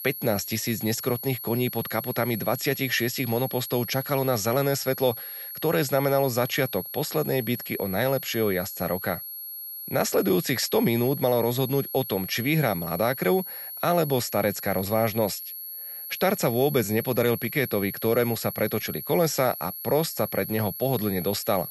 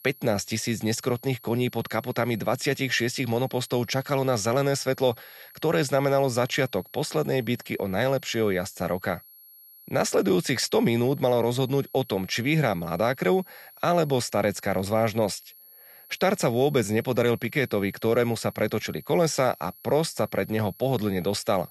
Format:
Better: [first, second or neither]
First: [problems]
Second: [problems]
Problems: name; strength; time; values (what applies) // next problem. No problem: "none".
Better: second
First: high-pitched whine; loud; throughout; 11.5 kHz, 8 dB below the speech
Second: high-pitched whine; faint; throughout; 11.5 kHz, 20 dB below the speech